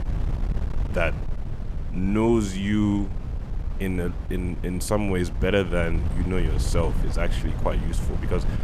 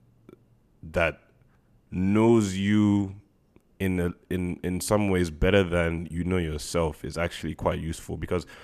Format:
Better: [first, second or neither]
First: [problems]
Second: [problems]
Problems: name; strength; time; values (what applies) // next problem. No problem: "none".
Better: second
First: wind noise on the microphone; occasional gusts; 15 dB below the speech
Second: none